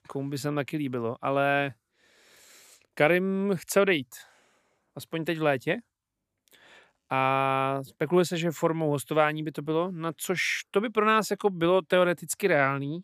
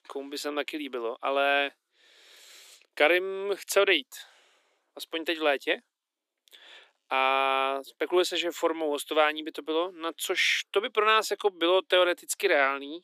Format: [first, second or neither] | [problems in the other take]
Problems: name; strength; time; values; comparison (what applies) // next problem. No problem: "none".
first | thin; somewhat; fading below 300 Hz